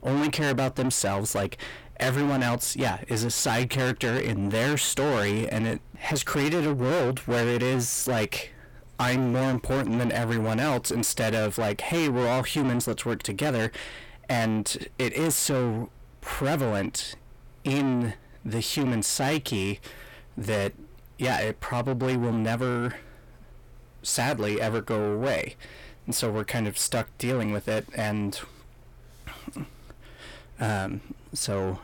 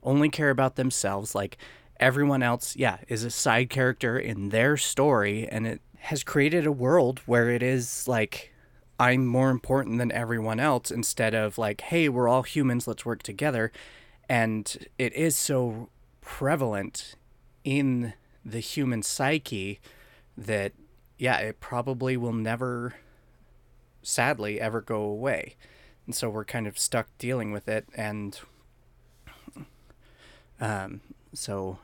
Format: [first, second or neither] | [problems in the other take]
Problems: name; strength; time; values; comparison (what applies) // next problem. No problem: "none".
second | distortion; heavy; 6 dB below the speech